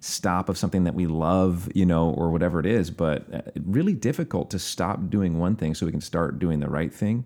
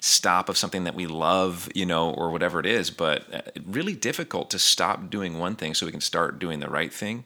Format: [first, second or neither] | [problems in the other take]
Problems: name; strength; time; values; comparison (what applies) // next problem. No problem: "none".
first | thin; somewhat; fading below 1 kHz